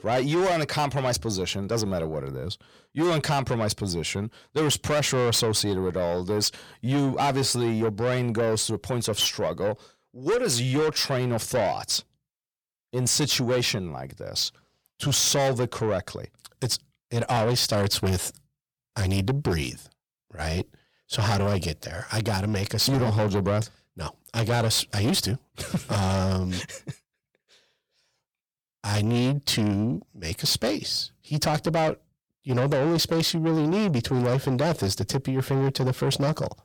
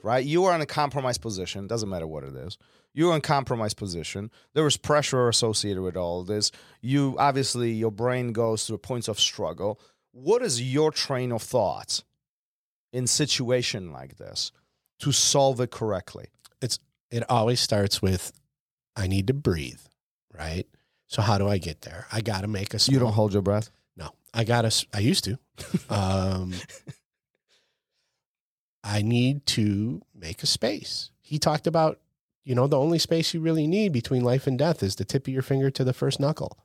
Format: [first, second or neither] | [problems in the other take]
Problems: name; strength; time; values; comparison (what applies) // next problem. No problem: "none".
second | distortion; heavy; 8 dB below the speech